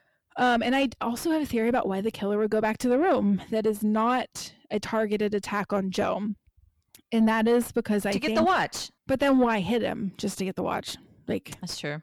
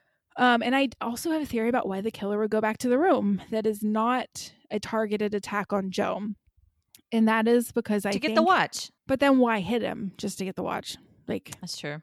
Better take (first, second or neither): second